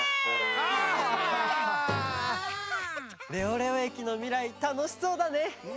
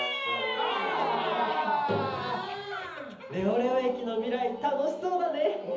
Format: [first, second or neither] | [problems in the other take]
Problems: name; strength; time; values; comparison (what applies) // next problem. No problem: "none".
first | room echo; dies away in 0.7 s